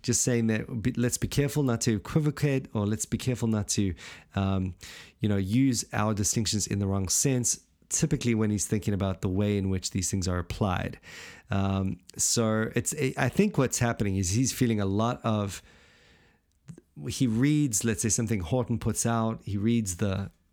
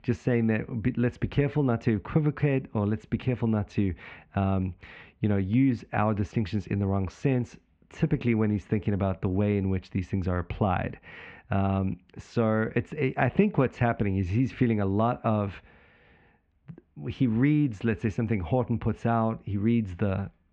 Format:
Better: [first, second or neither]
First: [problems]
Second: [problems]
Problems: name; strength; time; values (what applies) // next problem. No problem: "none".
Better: first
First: none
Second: muffled; very; fading above 2.5 kHz